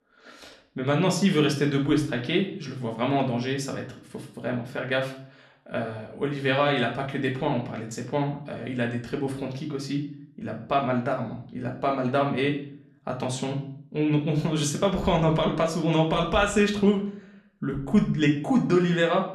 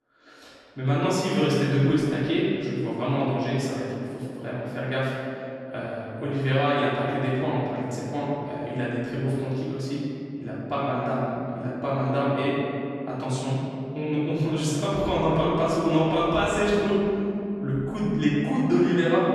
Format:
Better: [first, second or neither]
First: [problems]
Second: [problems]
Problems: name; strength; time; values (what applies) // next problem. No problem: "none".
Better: first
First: room echo; slight; dies away in 0.4 s // off-mic speech; somewhat distant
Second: room echo; strong; dies away in 2.5 s // off-mic speech; far